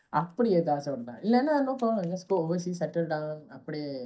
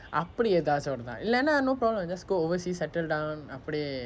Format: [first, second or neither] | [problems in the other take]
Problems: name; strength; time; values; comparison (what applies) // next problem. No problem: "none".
second | noise reduction (neural mask model DeepFilterNet 3)